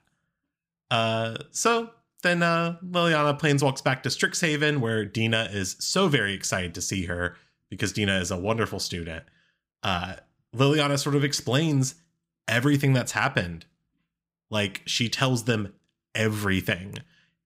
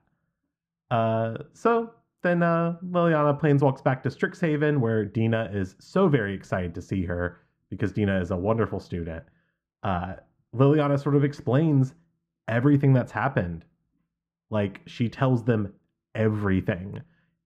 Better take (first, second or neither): first